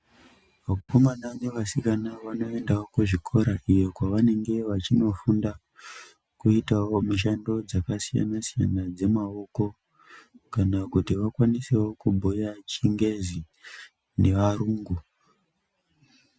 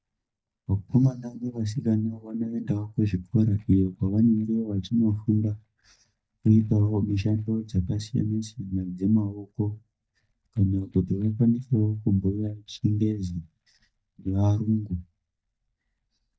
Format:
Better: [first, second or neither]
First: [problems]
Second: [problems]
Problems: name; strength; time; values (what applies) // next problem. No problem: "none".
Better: first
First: none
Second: noise reduction (neural mask model DeepFilterNet 3)